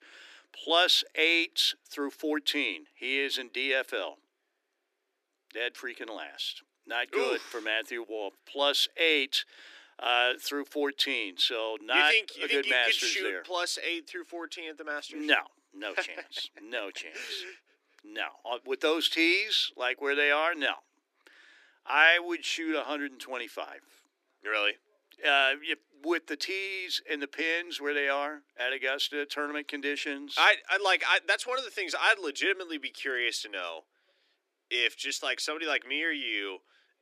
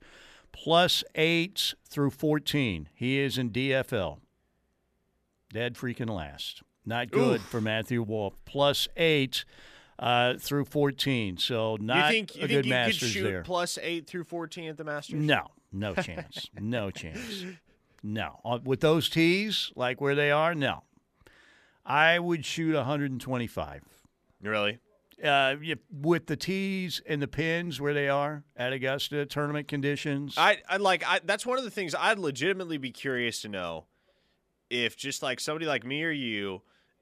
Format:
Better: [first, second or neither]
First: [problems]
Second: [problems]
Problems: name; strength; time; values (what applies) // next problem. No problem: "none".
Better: second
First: thin; somewhat; fading below 300 Hz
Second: none